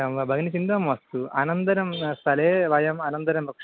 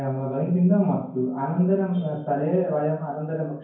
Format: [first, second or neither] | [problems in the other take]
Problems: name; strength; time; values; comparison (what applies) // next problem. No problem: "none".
first | room echo; dies away in 0.9 s